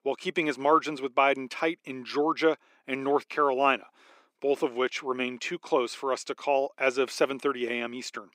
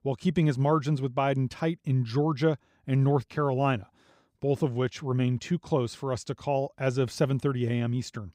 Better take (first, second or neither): second